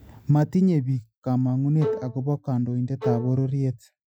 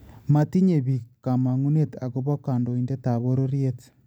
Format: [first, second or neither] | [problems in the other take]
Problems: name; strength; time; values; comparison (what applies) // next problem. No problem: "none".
second | noise reduction (classical method Wiener filter)